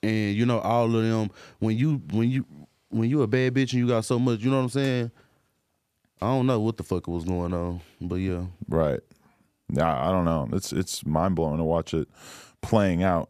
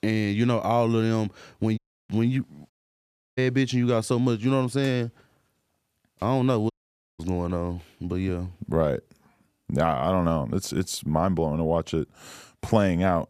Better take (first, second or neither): first